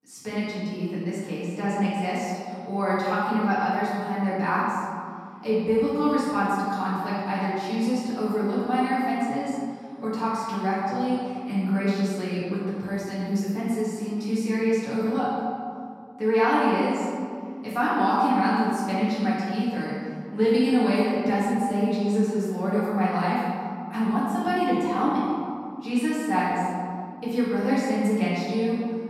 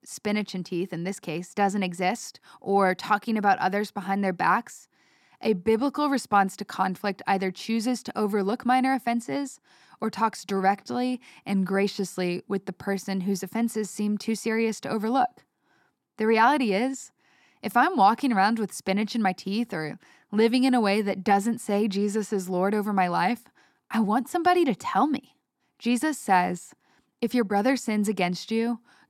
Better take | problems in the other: second | room echo; strong; dies away in 2.1 s // off-mic speech; far

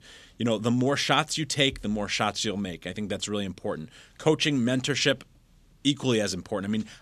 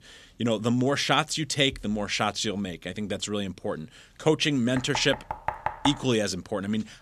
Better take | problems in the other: first | door banging; noticeable; from 5 to 6 s; peak 5 dB below the speech

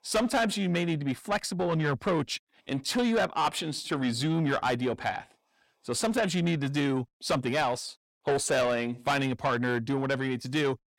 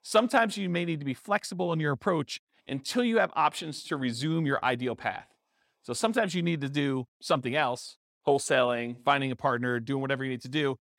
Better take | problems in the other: second | distortion; heavy; 8 dB below the speech

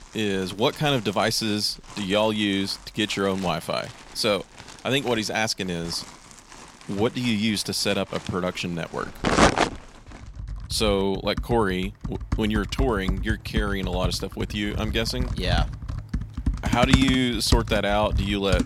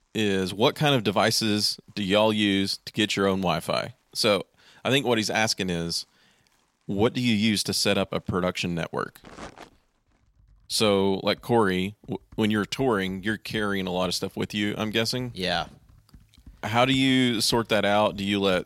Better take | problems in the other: second | household noises; loud; throughout; 3 dB below the speech; faint in the second

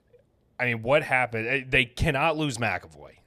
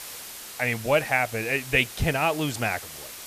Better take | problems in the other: first | hiss; noticeable; throughout; 15 dB below the speech

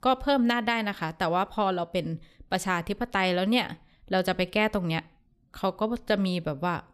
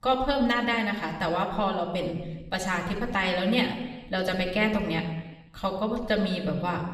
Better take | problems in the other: first | room echo; noticeable; dies away in 1.1 s // off-mic speech; somewhat distant

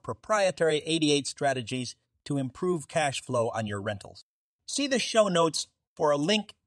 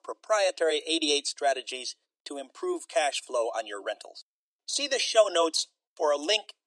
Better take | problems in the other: first | thin; very; fading below 300 Hz

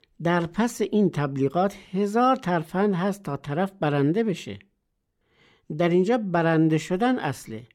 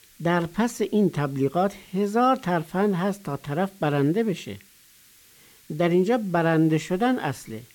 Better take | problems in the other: first | hiss; faint; throughout; 30 dB below the speech

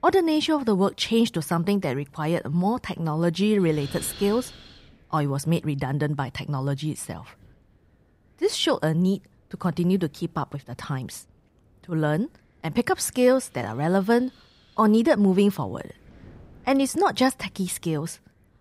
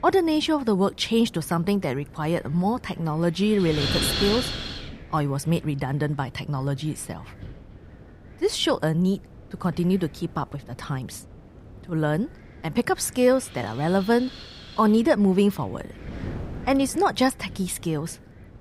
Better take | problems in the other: first | wind noise on the microphone; heavy; 5 dB below the speech; occasional gusts in the first

